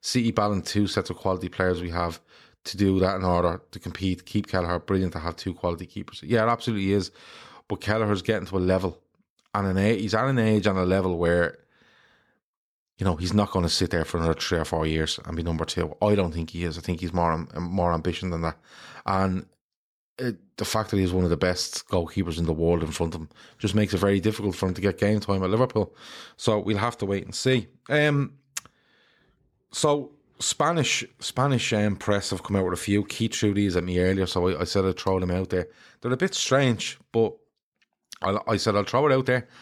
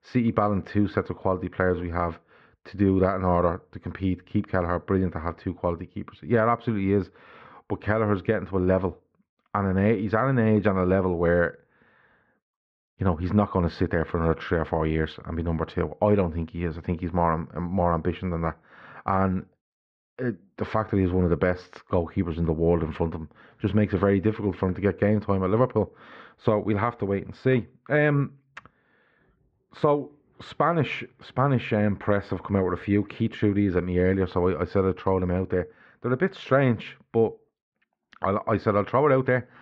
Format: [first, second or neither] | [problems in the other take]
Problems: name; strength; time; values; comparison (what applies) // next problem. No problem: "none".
first | muffled; very; fading above 2 kHz